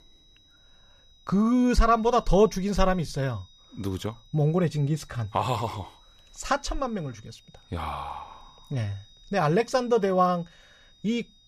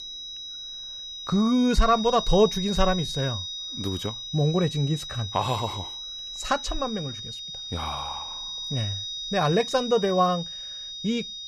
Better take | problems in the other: first | high-pitched whine; loud; throughout; 4 kHz, 7 dB below the speech; faint in the first

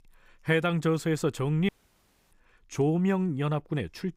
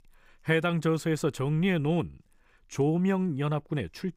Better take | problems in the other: second | audio cutting out; at 1.5 s for 0.5 s

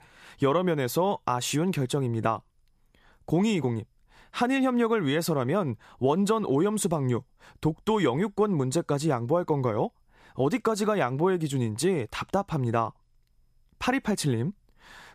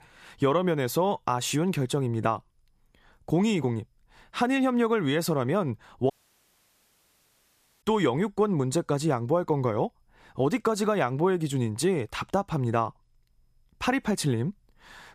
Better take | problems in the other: first | audio cutting out; at 6 s for 1.5 s

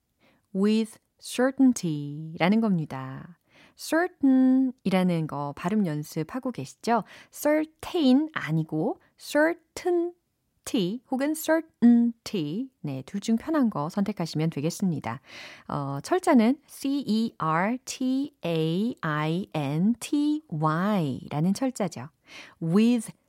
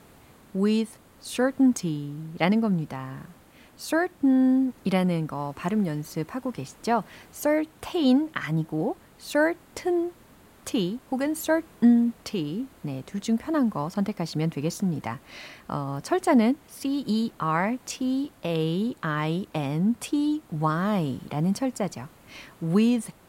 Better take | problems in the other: first | hiss; faint; throughout; 25 dB below the speech

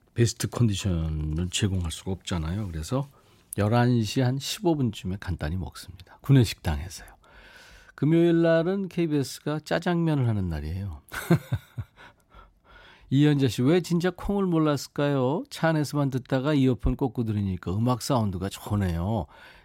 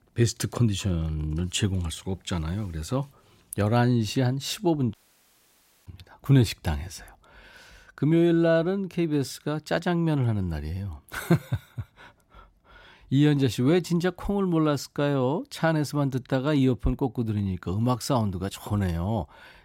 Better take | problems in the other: first | audio cutting out; at 5 s for 1 s

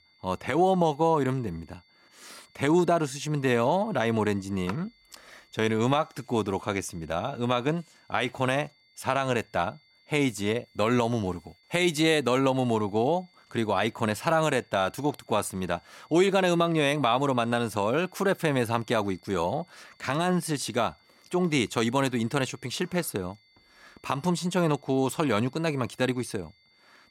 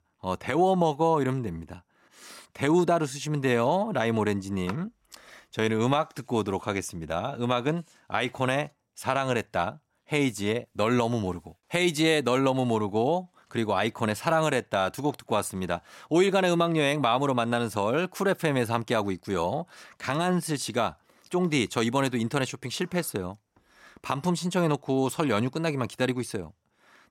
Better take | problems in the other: second | high-pitched whine; faint; throughout; 2 kHz, 35 dB below the speech

